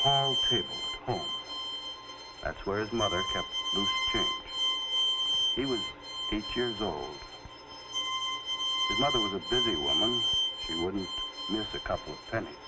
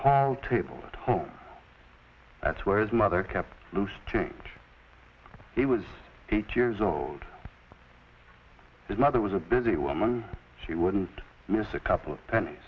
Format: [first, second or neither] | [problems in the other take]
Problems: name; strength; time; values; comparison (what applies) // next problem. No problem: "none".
second | background sound (Bowed string instrument); 3 dB above the speech